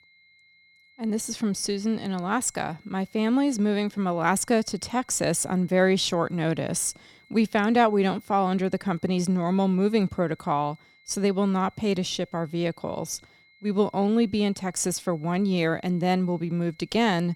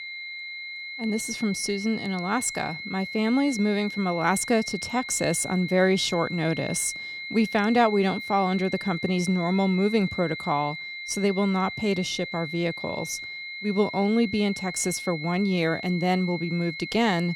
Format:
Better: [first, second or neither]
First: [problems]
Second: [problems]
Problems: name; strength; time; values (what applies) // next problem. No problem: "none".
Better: first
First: high-pitched whine; faint; throughout; 2 kHz, 30 dB below the speech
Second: high-pitched whine; loud; throughout; 2 kHz, 8 dB below the speech